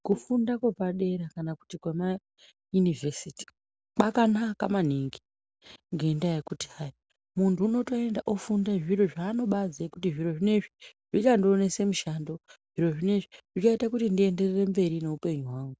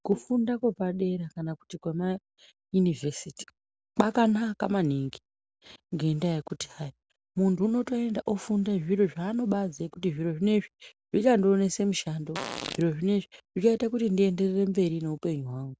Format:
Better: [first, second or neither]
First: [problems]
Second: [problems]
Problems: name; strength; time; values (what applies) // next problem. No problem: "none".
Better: first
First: none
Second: background sound (Fart); 10 dB below the speech